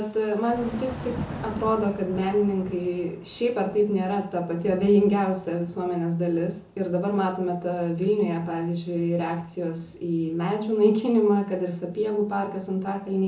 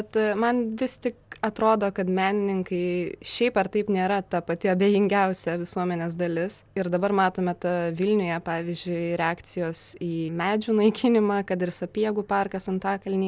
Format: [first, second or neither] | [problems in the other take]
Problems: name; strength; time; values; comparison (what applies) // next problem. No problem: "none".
second | background sound (Thunder / Rain); 17 dB below the speech // room echo; dies away in 0.6 s